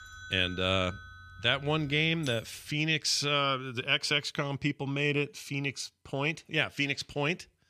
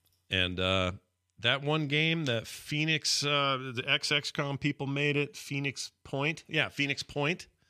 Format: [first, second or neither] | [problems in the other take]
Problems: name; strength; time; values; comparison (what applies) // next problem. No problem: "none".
second | alarms or sirens; noticeable; until 2 s; 20 dB below the speech